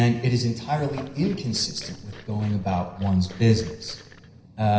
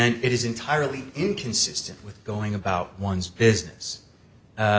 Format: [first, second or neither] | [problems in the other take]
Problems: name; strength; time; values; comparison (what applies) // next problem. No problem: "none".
second | background sound (Liquid); 20 dB below the speech // room echo; dies away in 0.9 s